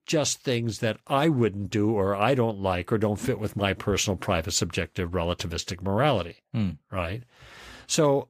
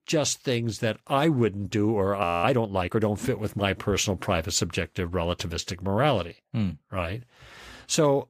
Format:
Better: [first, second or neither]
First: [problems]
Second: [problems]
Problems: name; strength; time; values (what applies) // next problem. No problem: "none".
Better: first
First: none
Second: audio freezing; at 2 s